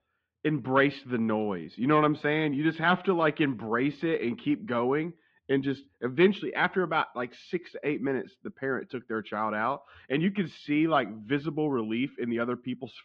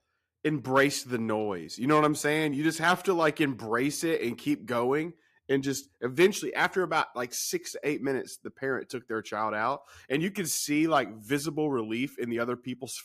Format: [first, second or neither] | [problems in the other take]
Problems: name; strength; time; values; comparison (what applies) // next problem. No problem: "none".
second | muffled; very; fading above 3.5 kHz